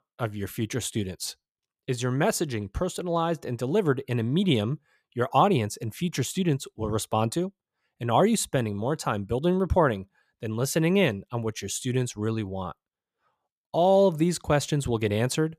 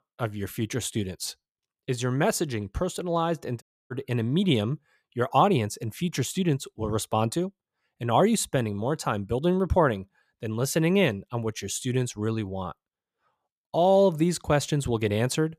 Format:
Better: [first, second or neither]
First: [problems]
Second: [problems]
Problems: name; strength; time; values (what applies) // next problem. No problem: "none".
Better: first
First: none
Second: audio cutting out; at 3.5 s